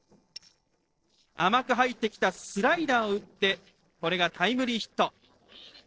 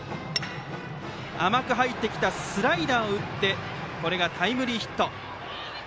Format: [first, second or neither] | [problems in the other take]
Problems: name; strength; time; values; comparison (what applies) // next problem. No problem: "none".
second | noise reduction (neural separator model SepFormer DNS4)